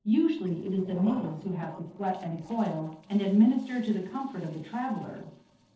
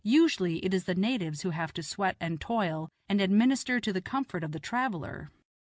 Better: second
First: noise reduction (neural separator model SepFormer DNS4)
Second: none

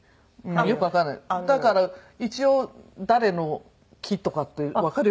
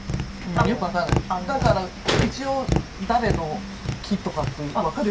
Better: first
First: none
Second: background sound (Tap); 1 dB below the speech // room echo; dies away in 0.1 s

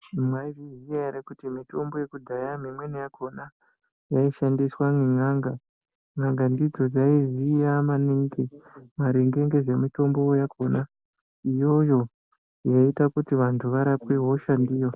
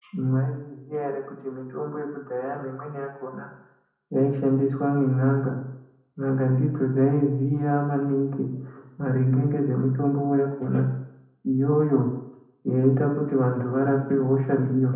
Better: first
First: none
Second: room echo; dies away in 0.7 s

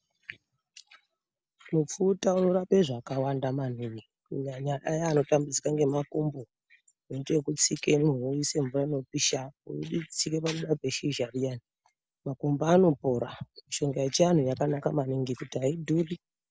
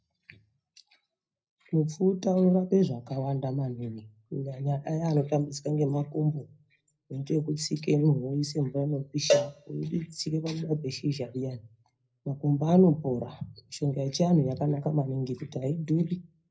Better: first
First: none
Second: background sound (Cowbell); 4 dB below the speech // room echo; dies away in 0.4 s

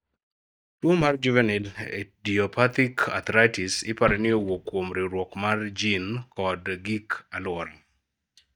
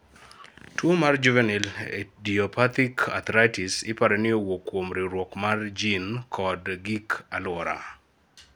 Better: second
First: noise reduction (neural mask model DeepFilterNet 3)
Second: none

